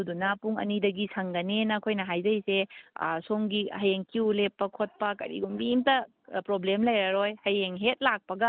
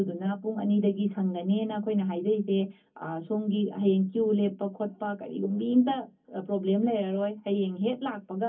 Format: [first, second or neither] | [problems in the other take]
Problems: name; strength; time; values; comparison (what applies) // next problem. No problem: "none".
first | room echo; dies away in 0.3 s